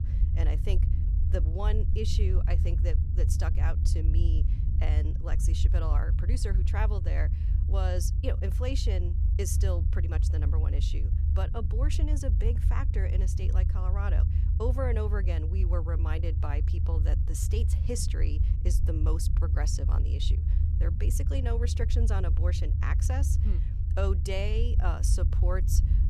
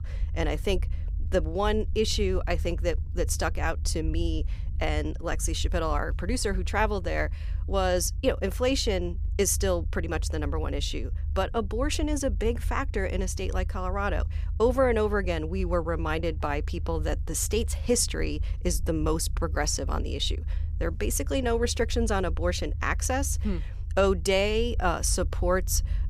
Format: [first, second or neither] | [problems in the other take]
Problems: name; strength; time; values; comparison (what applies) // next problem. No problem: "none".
second | low rumble; loud; throughout; 6 dB below the speech; faint in the second